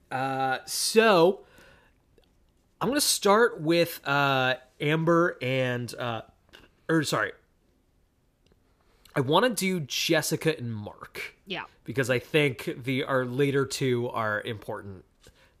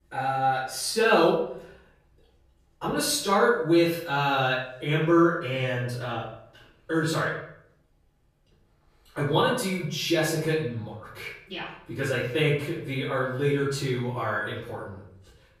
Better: first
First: none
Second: off-mic speech; far // room echo; noticeable; dies away in 0.6 s

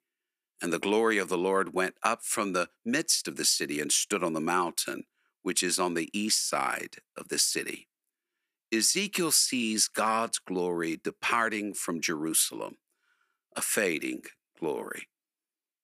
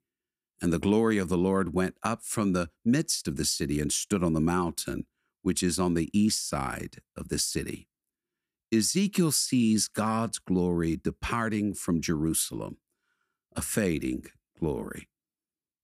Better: second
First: thin; somewhat; fading below 400 Hz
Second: none

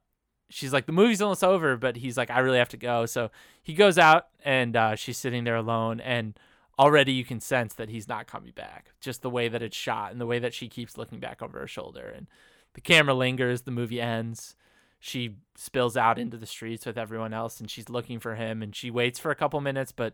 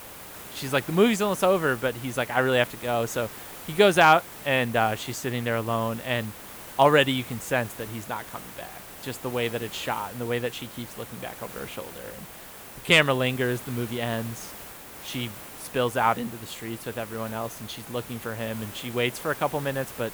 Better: first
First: none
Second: hiss; noticeable; throughout; 15 dB below the speech

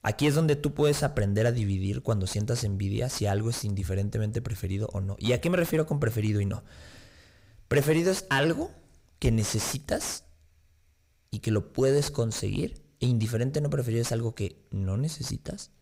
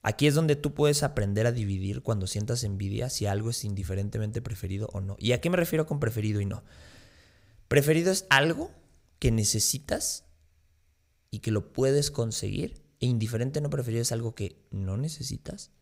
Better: second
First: distortion; slight; 10 dB below the speech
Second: none

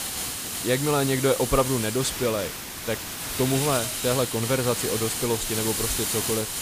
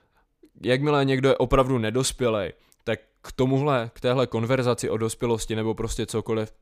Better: second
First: hiss; loud; throughout; 2 dB below the speech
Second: none

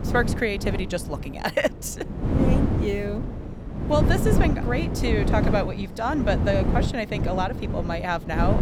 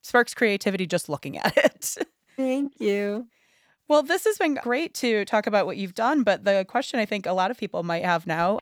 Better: second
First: wind noise on the microphone; heavy; 6 dB below the speech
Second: none

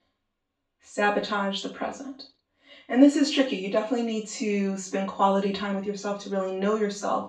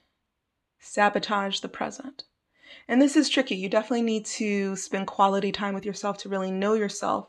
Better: second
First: room echo; slight; dies away in 0.3 s // off-mic speech; far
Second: none

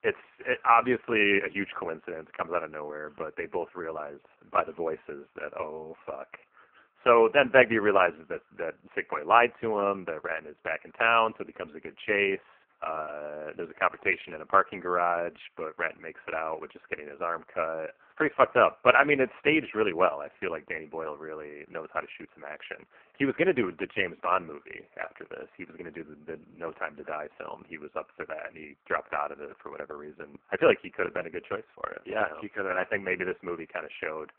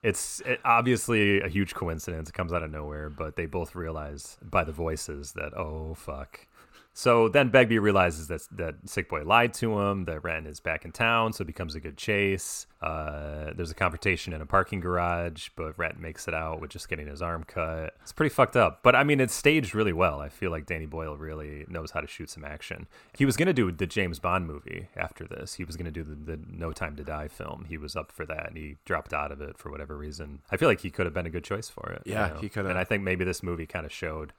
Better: second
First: phone-call audio; poor line; nothing above 3 kHz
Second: none

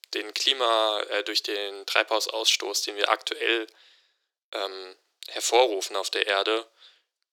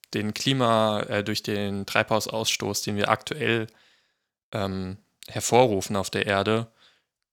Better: second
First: thin; very; fading below 350 Hz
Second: none

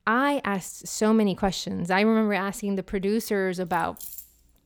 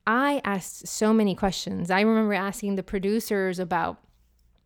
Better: second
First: jangling keys; faint; at 3.5 s; peak 10 dB below the speech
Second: none

